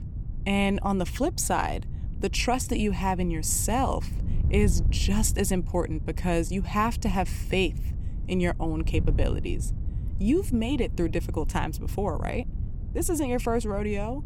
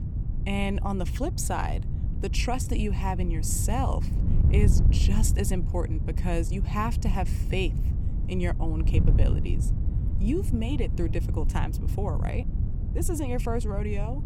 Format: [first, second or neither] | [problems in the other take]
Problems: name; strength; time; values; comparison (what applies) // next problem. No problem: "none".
first | wind noise on the microphone; heavy; 9 dB below the speech; occasional gusts in the first